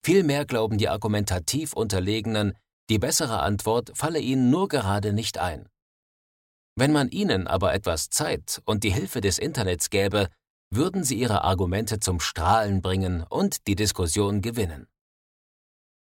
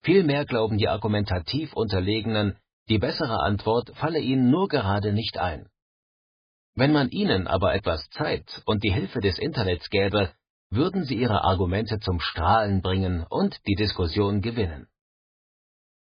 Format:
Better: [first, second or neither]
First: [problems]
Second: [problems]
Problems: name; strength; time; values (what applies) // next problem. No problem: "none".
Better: first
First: none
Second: garbled, watery; badly